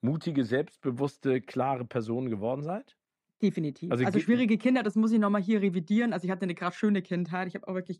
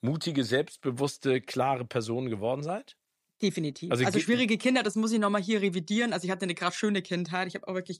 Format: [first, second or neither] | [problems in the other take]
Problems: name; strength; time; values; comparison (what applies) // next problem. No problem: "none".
second | muffled; slightly; fading above 3 kHz